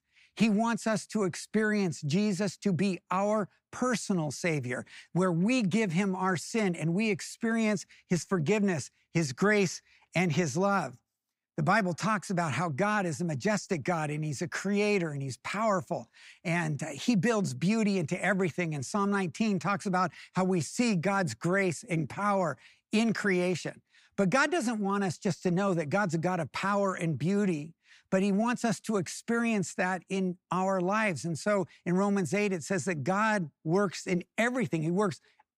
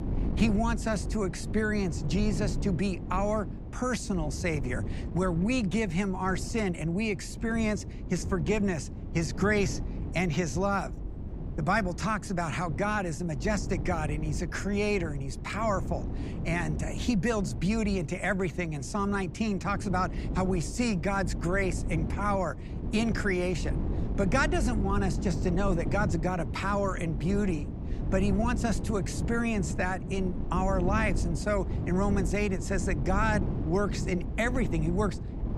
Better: first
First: none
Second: wind noise on the microphone; occasional gusts; 10 dB below the speech

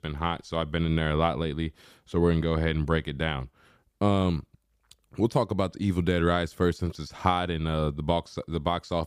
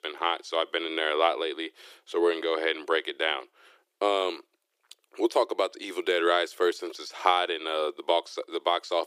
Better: first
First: none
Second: thin; very; fading below 350 Hz

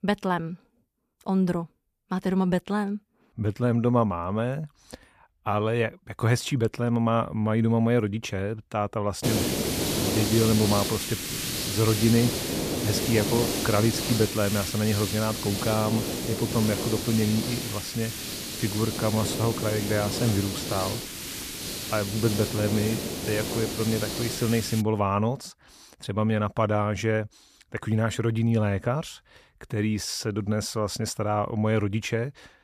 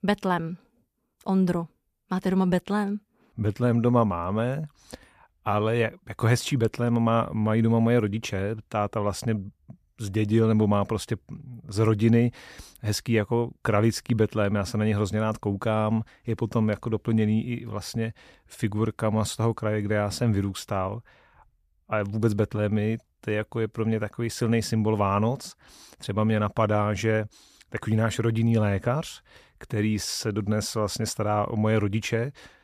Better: second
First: hiss; loud; from 9 to 25 s; 3 dB below the speech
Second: none

